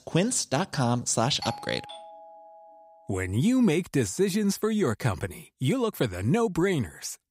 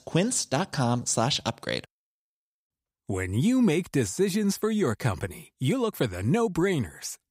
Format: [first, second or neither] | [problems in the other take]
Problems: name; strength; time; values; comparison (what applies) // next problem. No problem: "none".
second | doorbell; faint; from 1.5 to 2.5 s; peak 10 dB below the speech